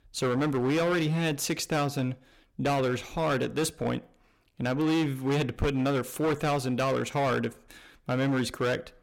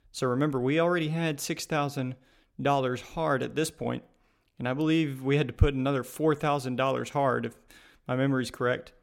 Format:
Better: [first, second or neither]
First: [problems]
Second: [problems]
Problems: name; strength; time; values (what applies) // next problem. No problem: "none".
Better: second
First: distortion; heavy; 15% of the sound clipped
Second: none